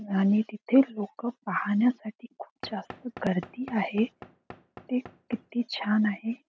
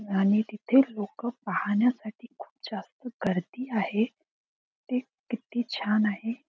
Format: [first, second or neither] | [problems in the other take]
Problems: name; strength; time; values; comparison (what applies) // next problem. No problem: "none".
second | background sound (Knock / Wood); 20 dB below the speech